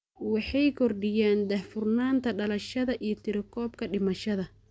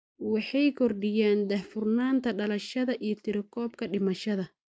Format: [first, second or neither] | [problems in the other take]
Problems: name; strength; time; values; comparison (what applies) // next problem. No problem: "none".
first | noise reduction (neural mask model Resemble Enhance denoiser)